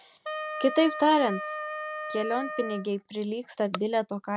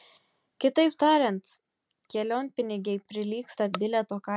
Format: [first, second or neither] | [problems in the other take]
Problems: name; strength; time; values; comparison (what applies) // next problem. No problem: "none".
second | background sound (Wind instrument, woodwind instrument); 8 dB below the speech